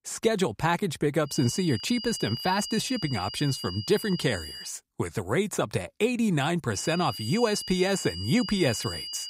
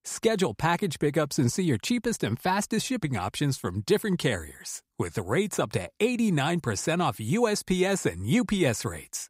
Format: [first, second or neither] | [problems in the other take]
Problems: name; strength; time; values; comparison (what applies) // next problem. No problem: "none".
second | high-pitched whine; loud; from 1.5 to 4.5 s and from 7 s on; 5 kHz, 9 dB below the speech